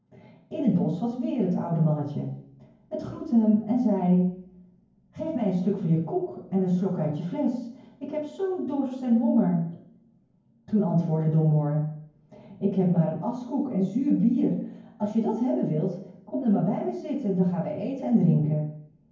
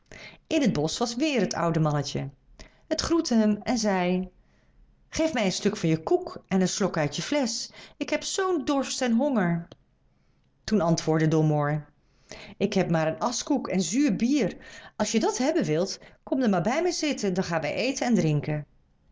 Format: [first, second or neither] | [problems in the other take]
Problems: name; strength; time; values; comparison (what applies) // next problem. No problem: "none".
second | room echo; dies away in 0.9 s